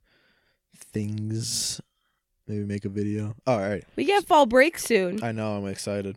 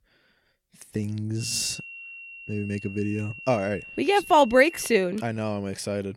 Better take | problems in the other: first | high-pitched whine; noticeable; from 1.5 to 5 s; 2.5 kHz, 15 dB below the speech

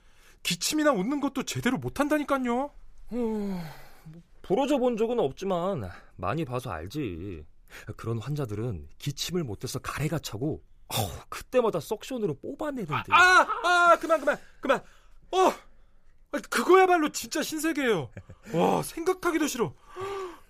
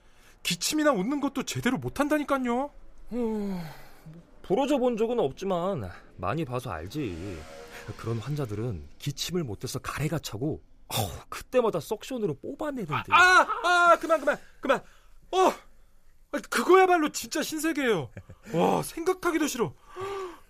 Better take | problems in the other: first | traffic noise; faint; throughout; 30 dB below the speech

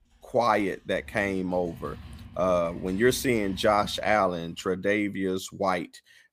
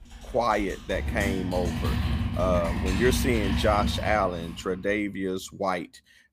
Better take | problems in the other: first | household noises; loud; until 4 s; 2 dB below the speech; faint in the first

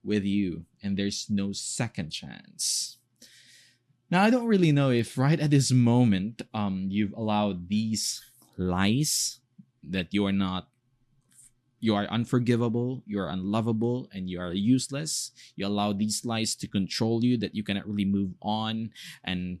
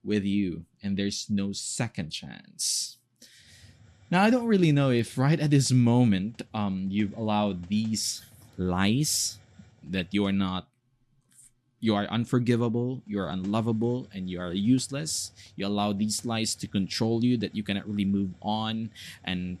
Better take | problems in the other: first | hiss; faint; from 3.5 to 10 s and from 13 s on; 30 dB below the speech

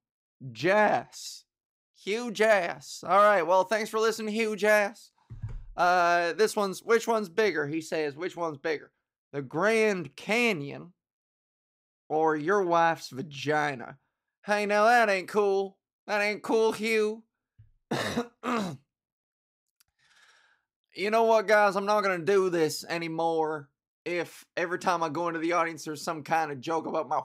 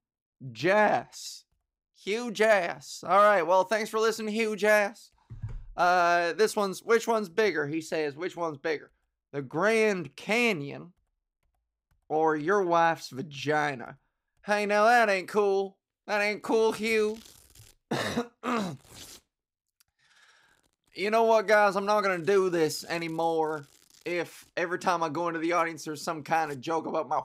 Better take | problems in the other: first | household noises; faint; throughout; 30 dB below the speech

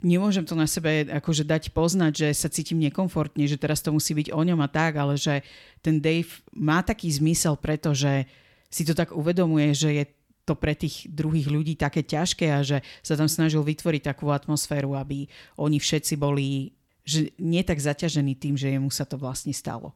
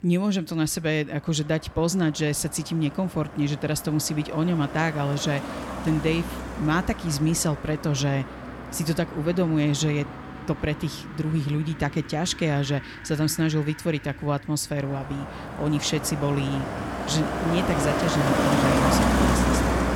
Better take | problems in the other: first | traffic noise; loud; throughout; 3 dB below the speech

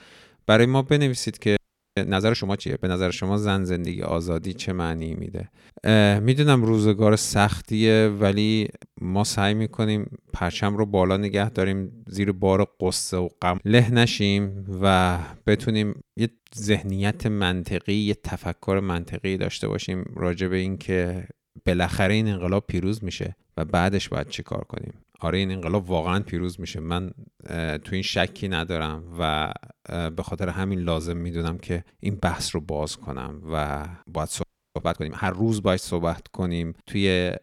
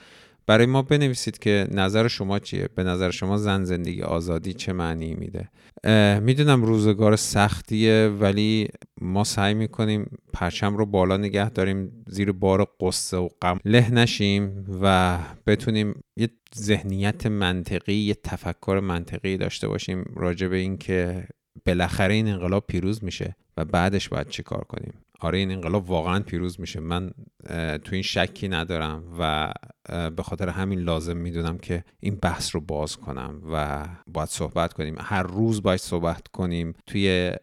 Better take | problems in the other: second | audio freezing; at 1.5 s and at 34 s

